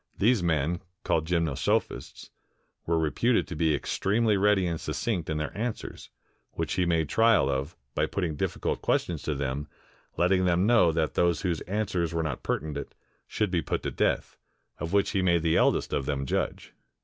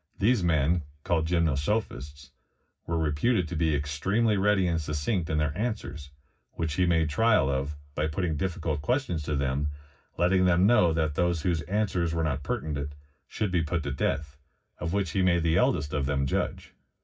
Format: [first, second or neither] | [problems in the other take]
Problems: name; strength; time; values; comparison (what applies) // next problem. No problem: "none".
first | room echo; dies away in 0.4 s